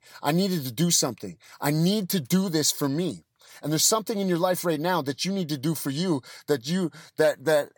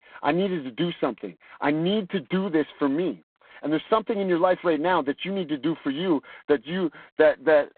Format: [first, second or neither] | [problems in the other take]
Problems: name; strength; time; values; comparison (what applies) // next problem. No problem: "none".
first | phone-call audio; poor line